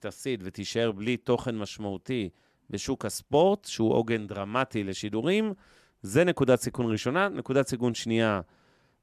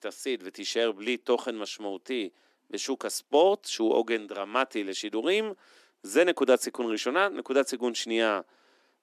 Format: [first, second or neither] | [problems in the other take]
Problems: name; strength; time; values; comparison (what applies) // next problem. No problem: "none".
first | thin; very slightly; fading below 250 Hz